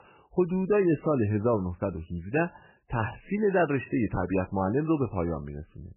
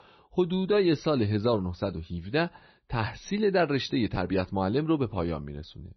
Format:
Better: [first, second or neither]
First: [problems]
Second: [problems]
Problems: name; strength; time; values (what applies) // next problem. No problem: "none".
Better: second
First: garbled, watery; badly; nothing above 2.5 kHz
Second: garbled, watery; slightly; nothing above 6 kHz